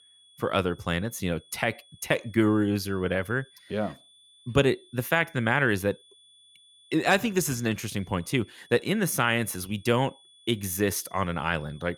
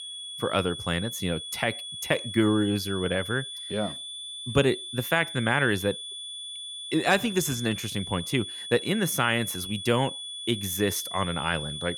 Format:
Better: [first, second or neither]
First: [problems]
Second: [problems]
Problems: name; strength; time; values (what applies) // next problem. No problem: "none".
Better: first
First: high-pitched whine; faint; throughout; 3.5 kHz, 25 dB below the speech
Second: high-pitched whine; loud; throughout; 3.5 kHz, 8 dB below the speech